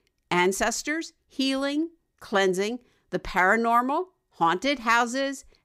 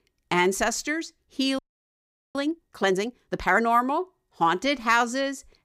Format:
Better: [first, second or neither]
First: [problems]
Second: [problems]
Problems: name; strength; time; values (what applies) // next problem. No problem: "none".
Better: first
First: none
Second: audio freezing; at 1.5 s for 1 s